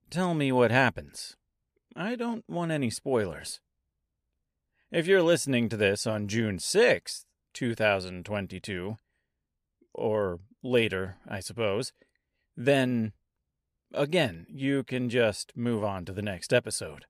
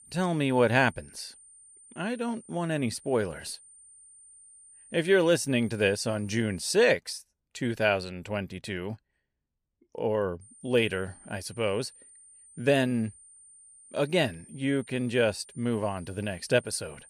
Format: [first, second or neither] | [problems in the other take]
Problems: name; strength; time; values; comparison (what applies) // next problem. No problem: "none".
first | high-pitched whine; faint; until 6.5 s and from 10 s on; 9 kHz, 25 dB below the speech